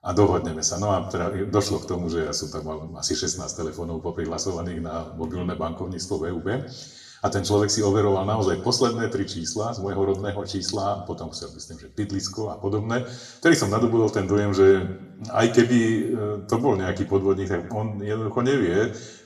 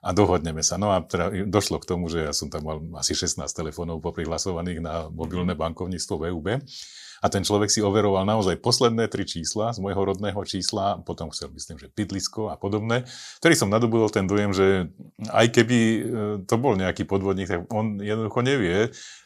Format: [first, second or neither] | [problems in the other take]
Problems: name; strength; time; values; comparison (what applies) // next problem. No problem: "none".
second | room echo; slight; dies away in 0.6 s // off-mic speech; somewhat distant